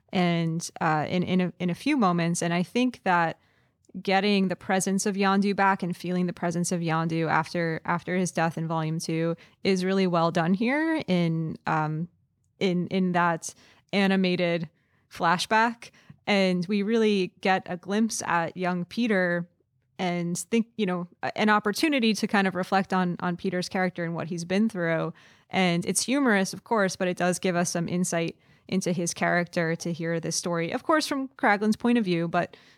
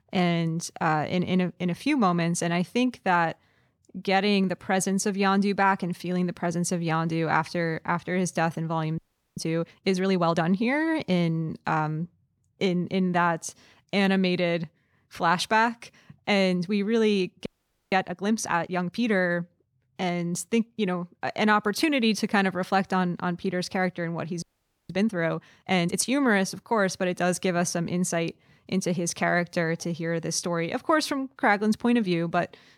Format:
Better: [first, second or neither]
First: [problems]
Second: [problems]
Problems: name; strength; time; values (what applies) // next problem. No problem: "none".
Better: first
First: none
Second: audio freezing; at 9 s, at 17 s and at 24 s